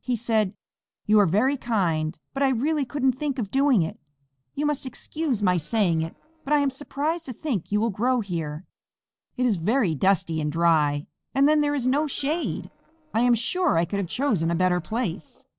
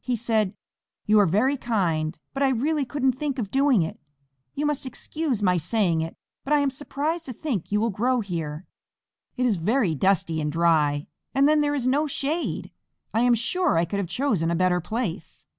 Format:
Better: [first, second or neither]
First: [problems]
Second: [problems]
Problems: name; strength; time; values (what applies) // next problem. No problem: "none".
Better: second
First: noise reduction (neural separator model SepFormer DNS4)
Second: none